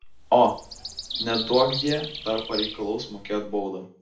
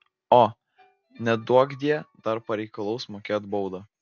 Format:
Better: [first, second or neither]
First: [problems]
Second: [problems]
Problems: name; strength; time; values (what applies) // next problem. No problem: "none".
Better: second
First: background sound (Bird vocalization, bird call, bird song); 9 dB below the speech // room echo; dies away in 0.4 s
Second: none